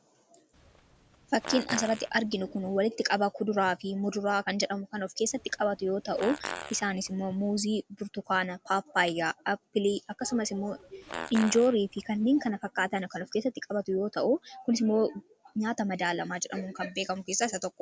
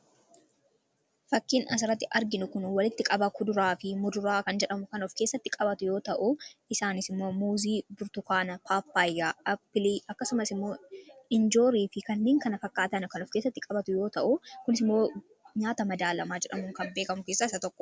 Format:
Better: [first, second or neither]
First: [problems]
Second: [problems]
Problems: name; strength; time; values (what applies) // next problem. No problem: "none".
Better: second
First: background sound (Fart); 13 dB below the speech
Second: none